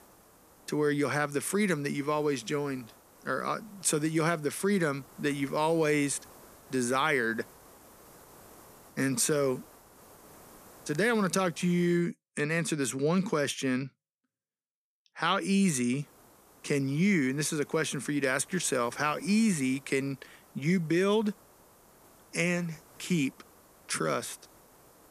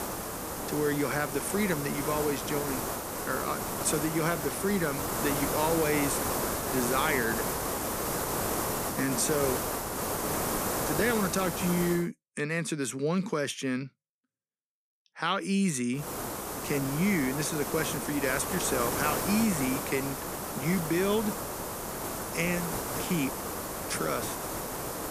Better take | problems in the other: first | hiss; loud; until 12 s and from 16 s on; 2 dB below the speech; faint in the first

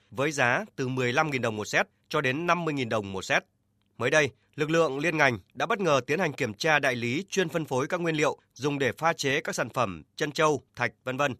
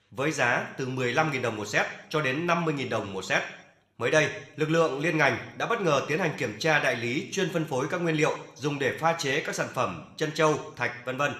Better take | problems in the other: first | room echo; very slight; dies away in 0.7 s

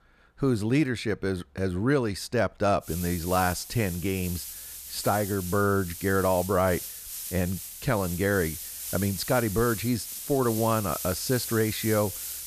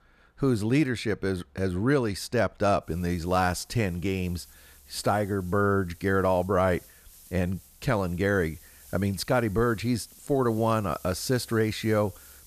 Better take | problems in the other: second | hiss; loud; from 3 s on; 8 dB below the speech; faint in the second

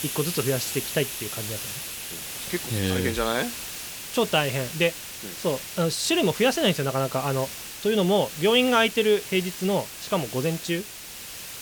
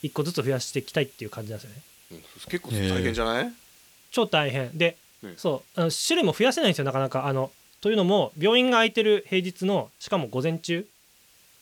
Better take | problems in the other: second | hiss; loud; throughout; 8 dB below the speech; faint in the second

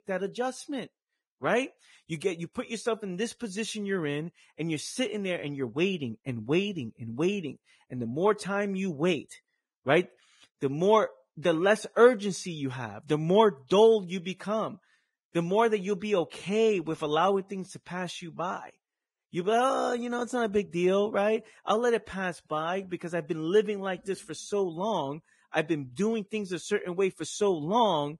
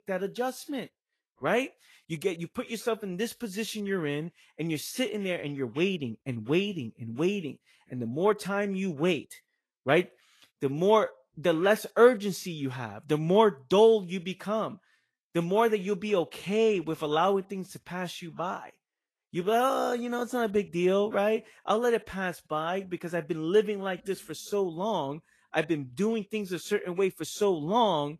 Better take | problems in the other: second | garbled, watery; badly; nothing above 10.5 kHz; slightly in the second

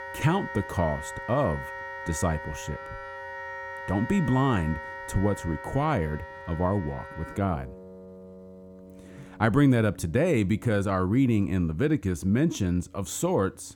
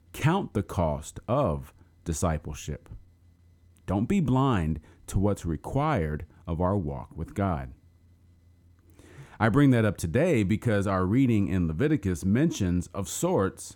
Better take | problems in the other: second | background music; noticeable; throughout; 10 dB below the speech

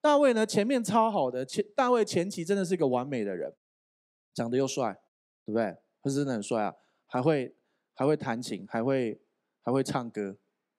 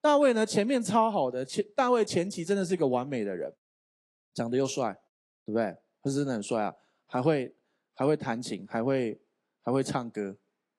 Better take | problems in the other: first | garbled, watery; slightly; nothing above 11 kHz

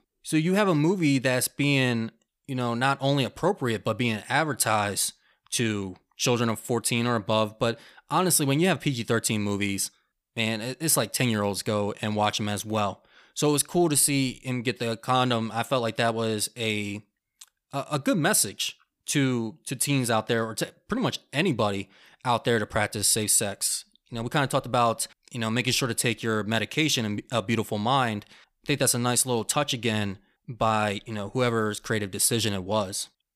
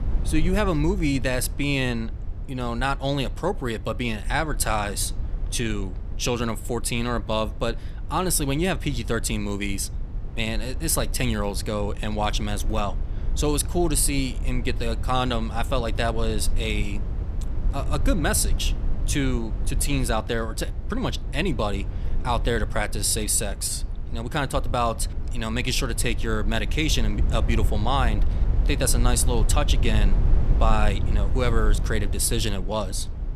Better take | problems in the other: first | low rumble; noticeable; throughout; 15 dB below the speech

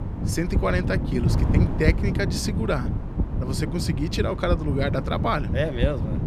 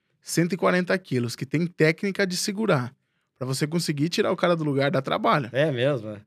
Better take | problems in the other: second | wind noise on the microphone; heavy; 8 dB below the speech

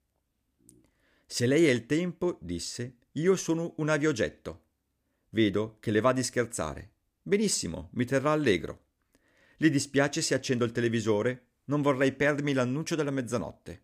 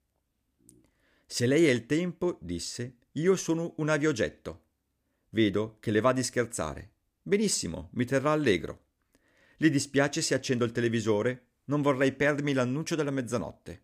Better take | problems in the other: neither | none

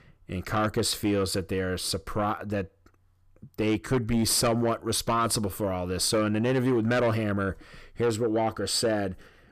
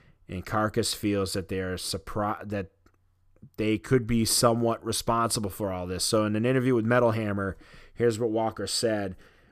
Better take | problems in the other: second | distortion; slight; 10 dB below the speech

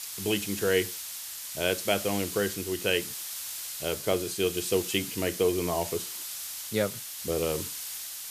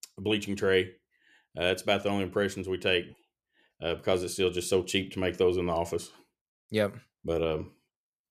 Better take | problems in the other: second | hiss; loud; throughout; 5 dB below the speech

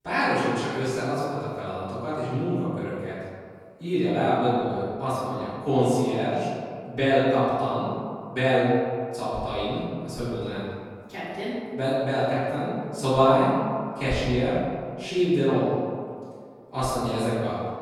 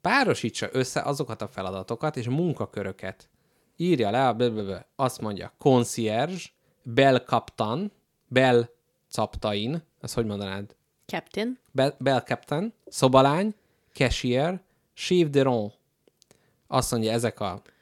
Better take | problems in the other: second | off-mic speech; far // room echo; strong; dies away in 1.9 s

